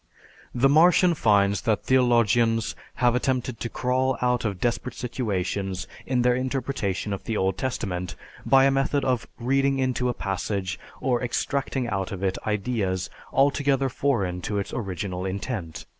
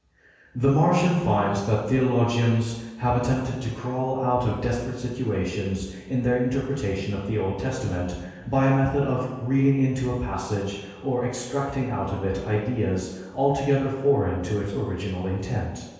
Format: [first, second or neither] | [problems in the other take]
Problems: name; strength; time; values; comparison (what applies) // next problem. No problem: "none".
first | room echo; dies away in 1.2 s